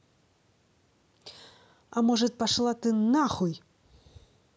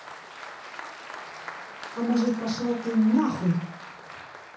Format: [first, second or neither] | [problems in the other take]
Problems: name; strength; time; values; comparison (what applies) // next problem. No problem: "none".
first | background sound (Applause); 12 dB below the speech // room echo; dies away in 0.6 s